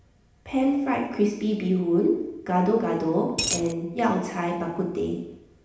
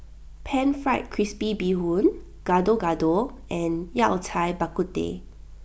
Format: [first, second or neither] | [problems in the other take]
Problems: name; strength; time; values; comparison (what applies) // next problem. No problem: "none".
second | background sound (Coin (dropping)); 2 dB below the speech // room echo; dies away in 0.8 s